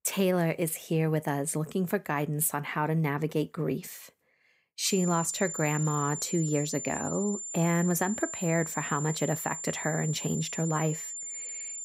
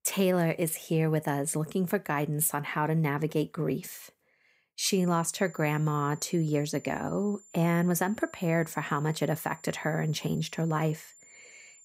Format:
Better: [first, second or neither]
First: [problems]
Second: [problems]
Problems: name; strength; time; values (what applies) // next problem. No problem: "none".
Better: second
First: high-pitched whine; loud; from 5 s on; 7 kHz, 6 dB below the speech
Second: high-pitched whine; faint; from 5 s on; 7 kHz, 25 dB below the speech